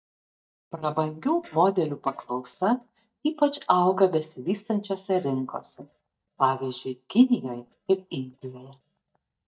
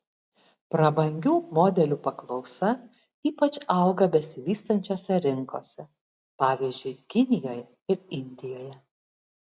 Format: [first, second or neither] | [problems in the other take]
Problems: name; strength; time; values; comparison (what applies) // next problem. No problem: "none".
second | noise reduction (neural mask model DeepFilterNet 3)